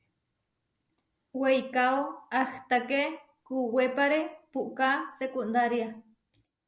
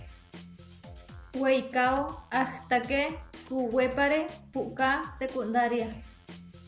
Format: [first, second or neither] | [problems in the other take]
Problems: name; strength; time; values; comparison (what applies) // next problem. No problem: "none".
first | background sound (Drum kit); 17 dB below the speech